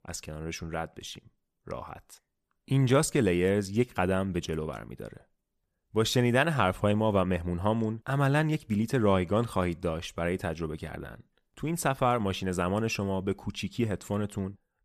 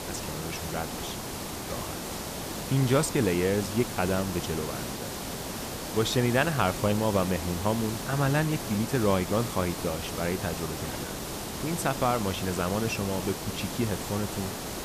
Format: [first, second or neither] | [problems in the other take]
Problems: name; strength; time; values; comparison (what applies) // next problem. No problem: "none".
first | hiss; loud; throughout; 6 dB below the speech